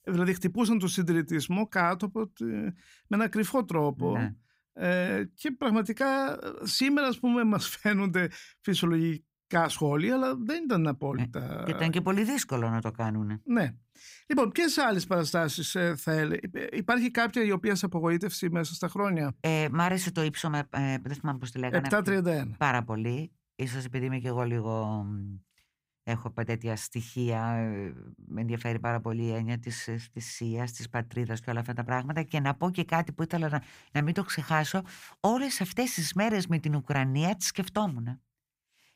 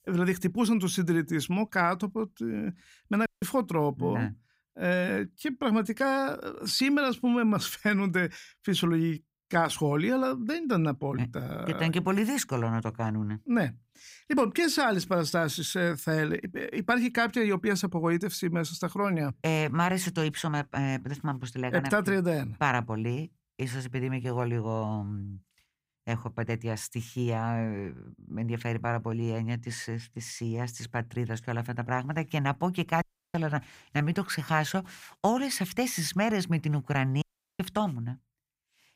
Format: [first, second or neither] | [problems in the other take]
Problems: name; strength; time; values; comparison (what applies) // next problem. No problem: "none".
first | audio cutting out; at 3.5 s, at 33 s and at 37 s